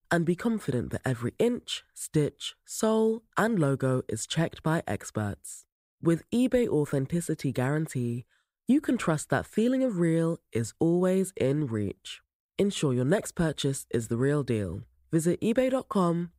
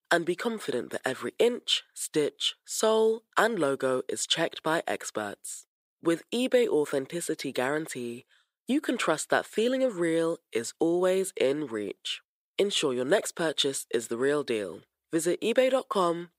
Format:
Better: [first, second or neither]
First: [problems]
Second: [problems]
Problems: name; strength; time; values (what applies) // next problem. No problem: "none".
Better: first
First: none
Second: thin; somewhat; fading below 400 Hz